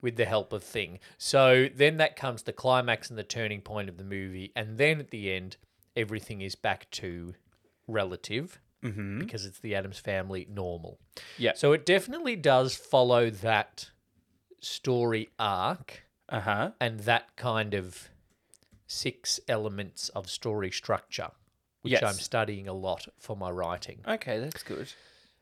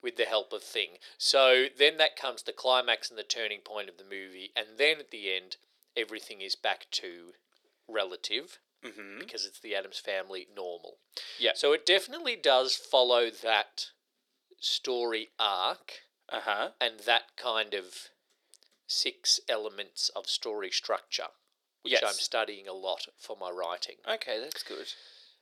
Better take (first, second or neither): first